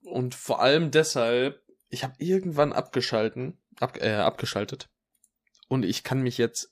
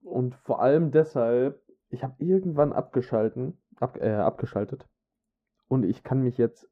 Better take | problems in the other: first | muffled; very; fading above 1.5 kHz

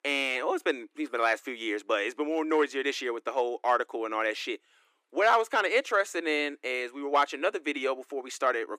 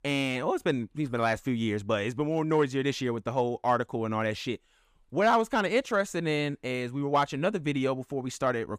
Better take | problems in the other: second | thin; somewhat; fading below 300 Hz

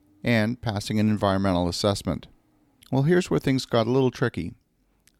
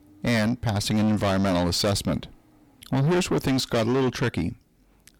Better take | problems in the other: first | distortion; heavy; 6 dB below the speech

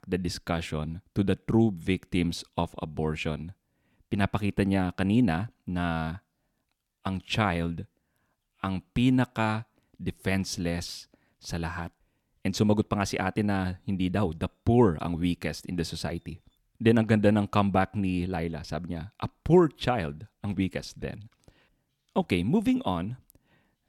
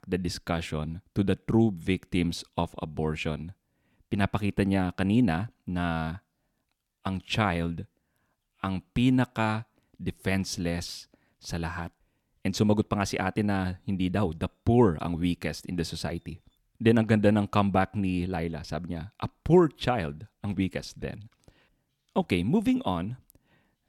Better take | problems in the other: neither | none

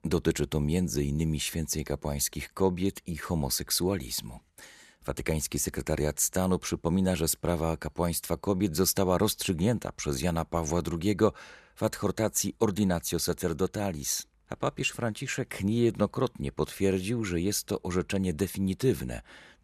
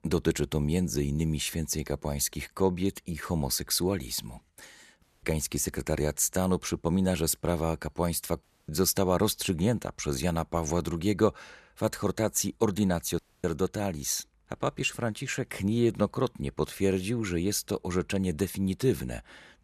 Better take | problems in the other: first | audio cutting out; at 5 s, at 8.5 s and at 13 s

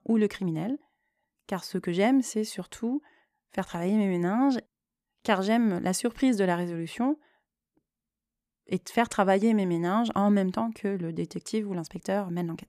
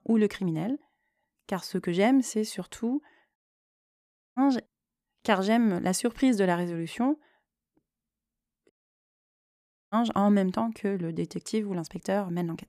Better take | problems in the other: first | audio cutting out; at 3.5 s for 1 s and at 8.5 s for 1 s

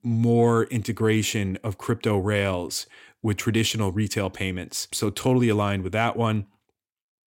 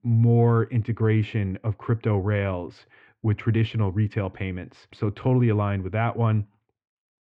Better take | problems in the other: first | muffled; very; fading above 2 kHz

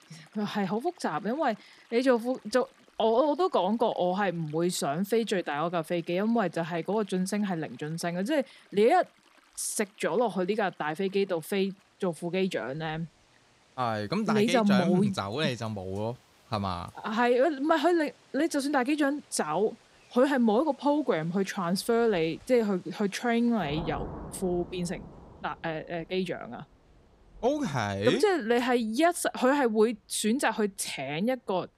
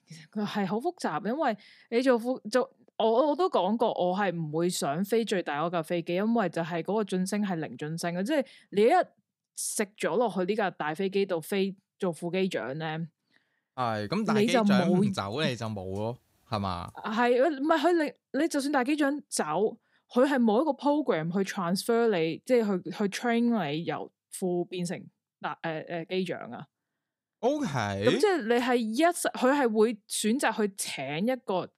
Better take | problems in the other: second | rain or running water; faint; throughout; 25 dB below the speech

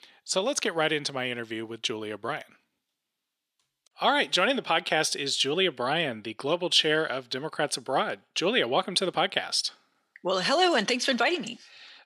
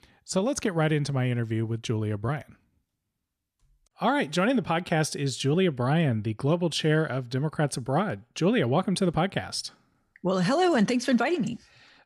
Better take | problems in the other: second | thin; somewhat; fading below 400 Hz

